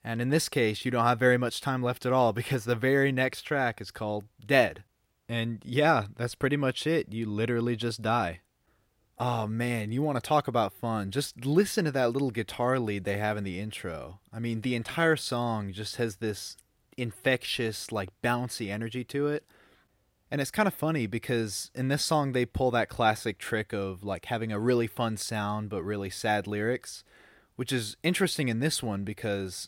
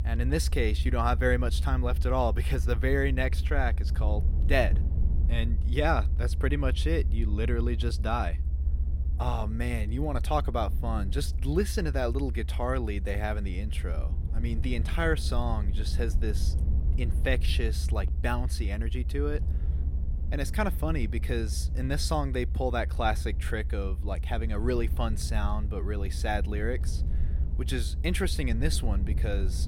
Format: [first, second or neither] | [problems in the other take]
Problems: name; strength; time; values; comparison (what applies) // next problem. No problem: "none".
first | low rumble; noticeable; throughout; 15 dB below the speech